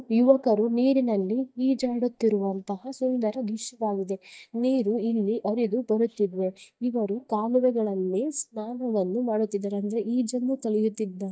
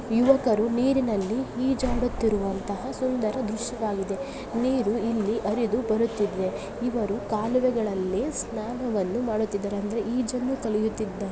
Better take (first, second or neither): second